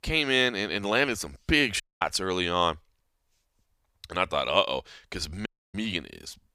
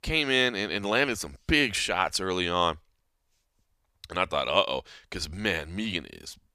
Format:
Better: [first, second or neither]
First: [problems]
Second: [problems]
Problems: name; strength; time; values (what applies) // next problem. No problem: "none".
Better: second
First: audio cutting out; at 2 s and at 5.5 s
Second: none